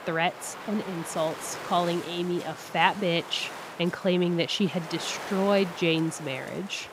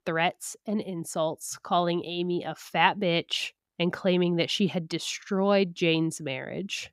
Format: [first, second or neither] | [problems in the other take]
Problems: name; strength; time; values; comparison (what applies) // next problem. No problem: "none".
second | wind noise on the microphone; occasional gusts; 10 dB below the speech